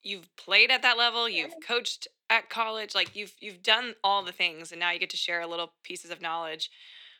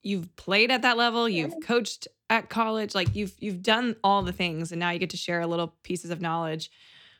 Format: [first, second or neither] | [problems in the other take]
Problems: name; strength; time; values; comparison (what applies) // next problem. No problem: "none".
second | thin; very; fading below 550 Hz